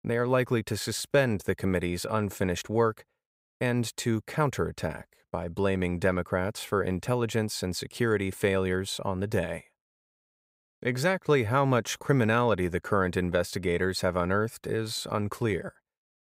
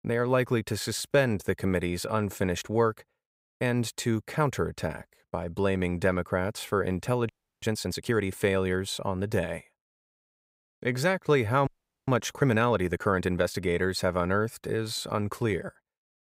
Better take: first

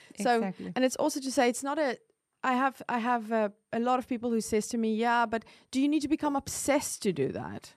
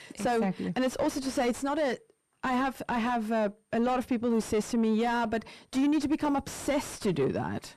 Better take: first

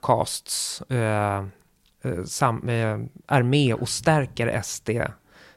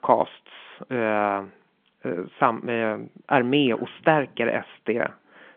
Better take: first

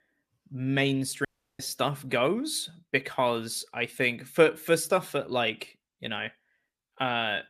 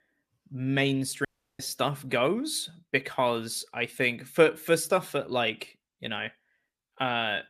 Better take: neither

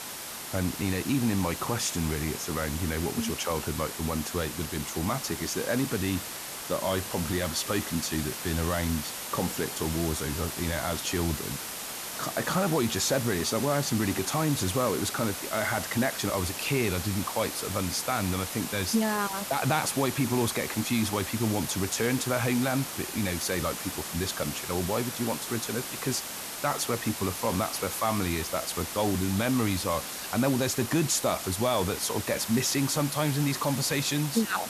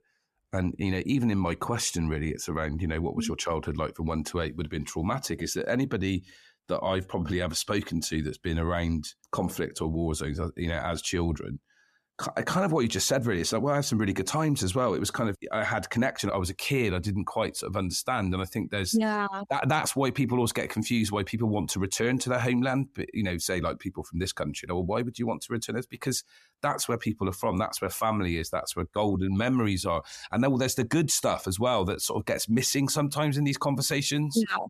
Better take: second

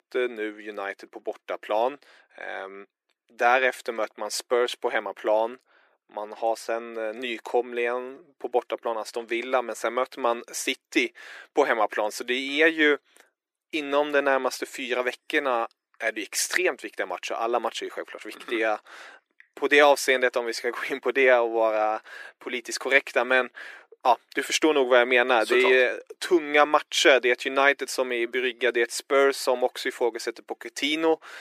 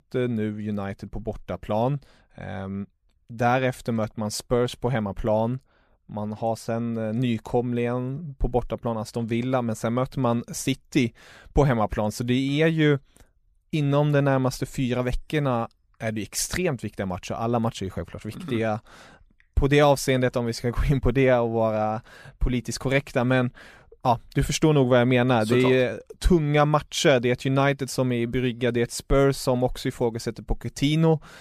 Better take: second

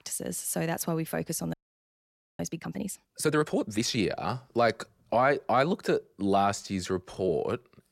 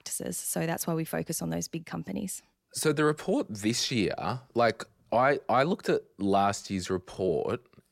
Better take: second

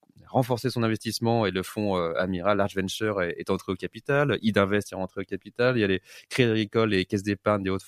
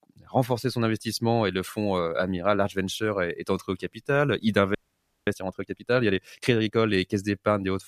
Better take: first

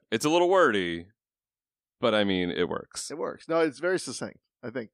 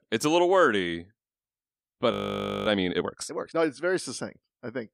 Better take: first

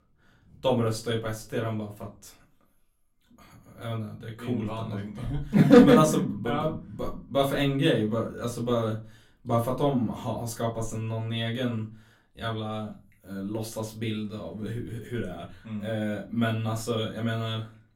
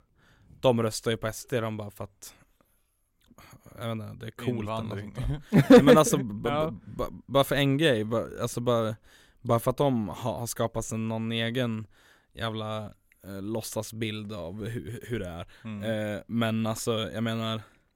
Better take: second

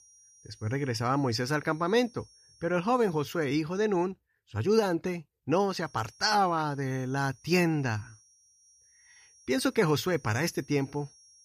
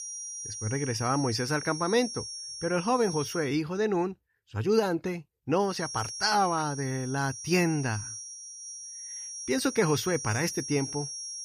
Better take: first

